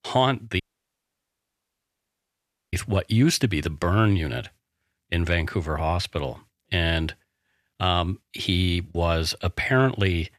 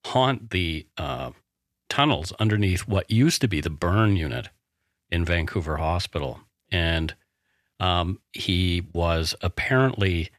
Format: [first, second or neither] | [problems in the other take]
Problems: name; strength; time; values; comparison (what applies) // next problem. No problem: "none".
second | audio cutting out; at 0.5 s for 2 s